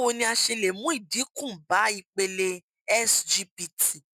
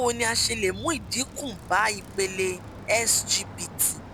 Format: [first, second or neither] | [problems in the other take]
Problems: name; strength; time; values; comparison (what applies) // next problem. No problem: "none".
first | background sound (Bicycle); 14 dB below the speech